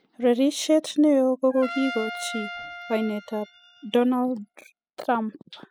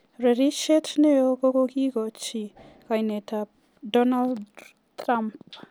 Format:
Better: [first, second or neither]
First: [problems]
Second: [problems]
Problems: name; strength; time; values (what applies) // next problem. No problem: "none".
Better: second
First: noise reduction (classical method spectral subtraction)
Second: none